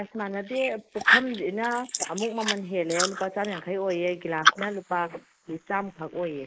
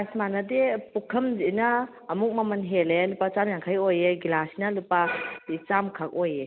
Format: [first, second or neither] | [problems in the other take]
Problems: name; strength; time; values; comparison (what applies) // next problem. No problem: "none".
second | noise reduction (neural mask model Resemble Enhance denoiser)